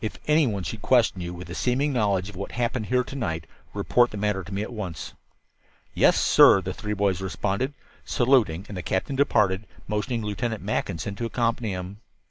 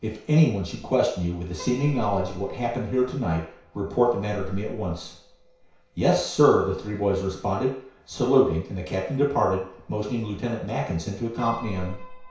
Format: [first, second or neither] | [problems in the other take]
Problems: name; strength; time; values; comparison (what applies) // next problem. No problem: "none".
first | background sound (Piano); 17 dB below the speech // room echo; dies away in 0.6 s